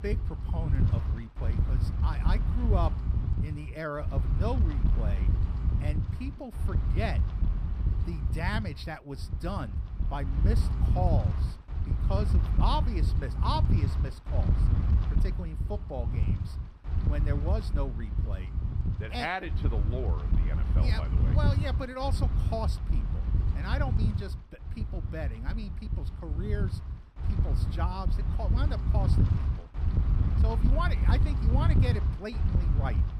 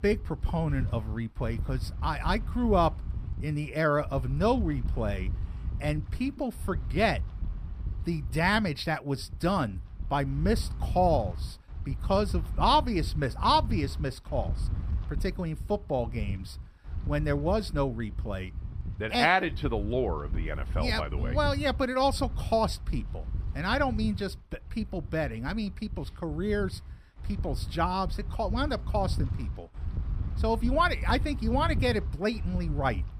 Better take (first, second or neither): second